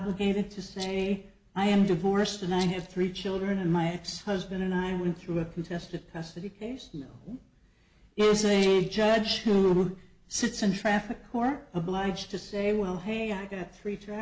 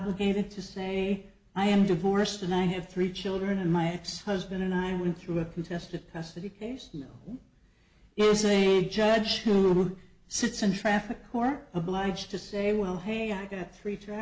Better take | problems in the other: second | background sound (Rattle); 16 dB below the speech

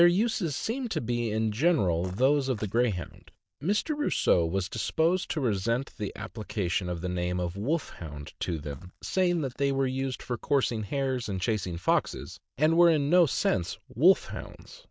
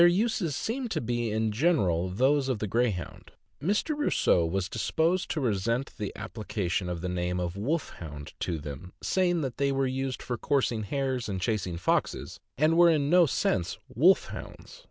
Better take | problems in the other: second | noise reduction (neural mask model DeepFilterNet 3)

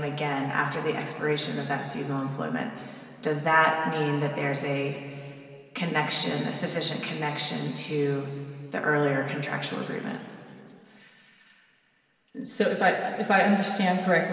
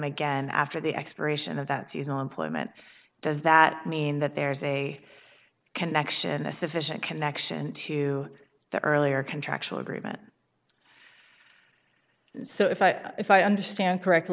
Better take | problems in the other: second | room echo; dies away in 2.7 s

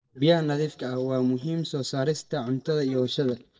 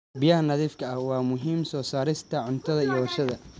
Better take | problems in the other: second | noise reduction (neural mask model DeepFilterNet 3)

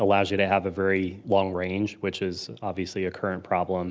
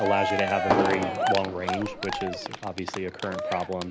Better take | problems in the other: first | background sound (Cheering + Fireworks); 1 dB above the speech

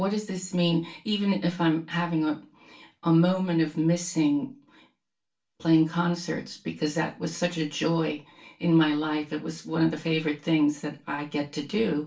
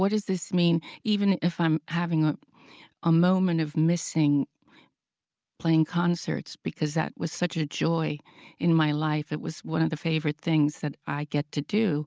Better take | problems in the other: second | room echo; dies away in 0.3 s

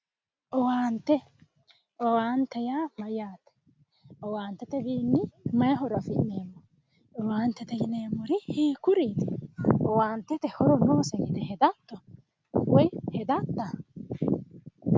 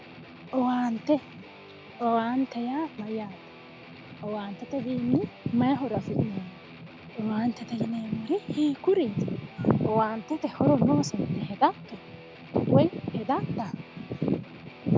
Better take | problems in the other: first | background sound (Guitar); 18 dB below the speech

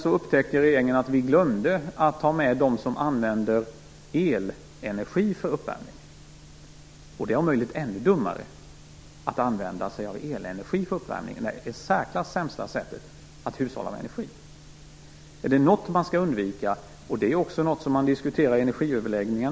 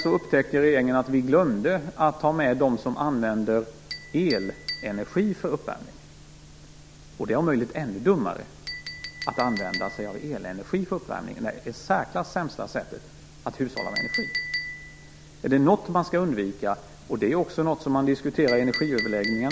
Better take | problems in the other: first | background sound (Chink, clink); 13 dB below the speech

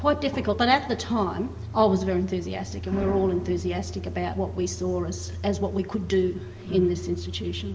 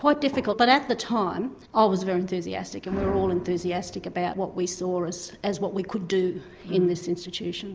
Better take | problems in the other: second | background sound (Idling / Engine starting / Accelerating, revving, vroom / Car); 10 dB below the speech // room echo; dies away in 1.2 s

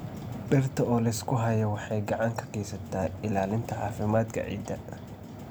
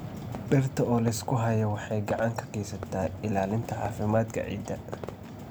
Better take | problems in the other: first | background sound (Fireworks); 19 dB below the speech

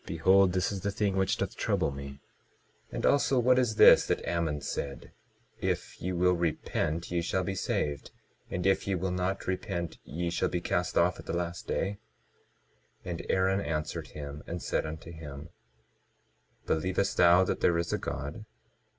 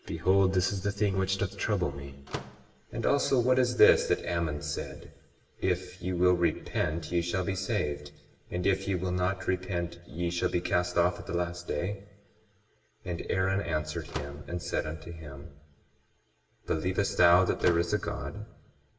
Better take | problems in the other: first | background sound (Slam / Microwave oven); 13 dB below the speech // room echo; dies away in 0.8 s

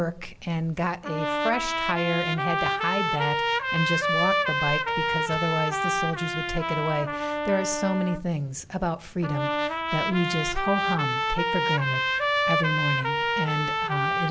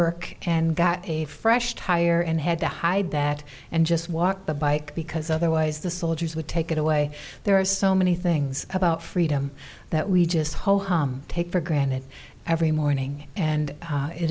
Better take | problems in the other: second | background sound (Trumpet); 2 dB above the speech

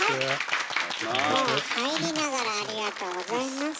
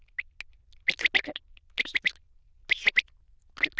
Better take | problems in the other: first | noise reduction (neural diffusion model UNIVERSE++)

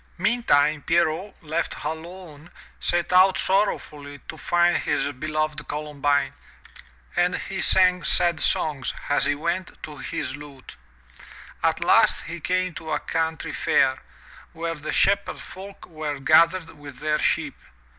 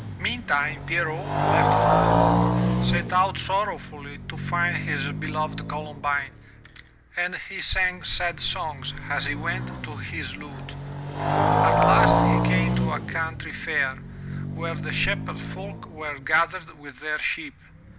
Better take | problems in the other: first | background sound (Motorcycle); 3 dB above the speech

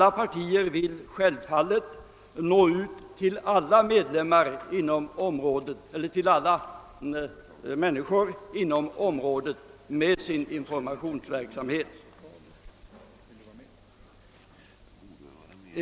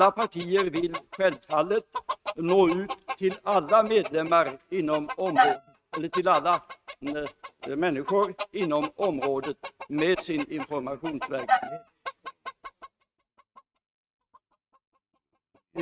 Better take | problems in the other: first | noise reduction (neural mask model RNNoise)

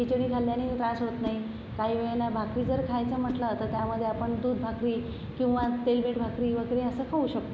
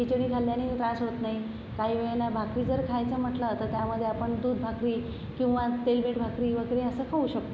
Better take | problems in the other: second | background sound (Whoosh, swoosh, swish); 19 dB below the speech

